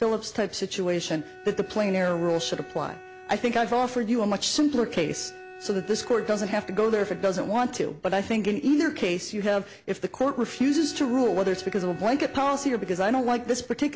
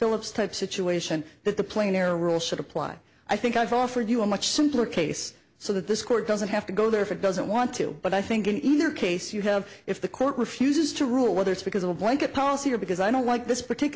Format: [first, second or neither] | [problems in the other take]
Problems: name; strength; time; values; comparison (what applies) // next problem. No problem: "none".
second | background sound (Bowed string instrument); 19 dB below the speech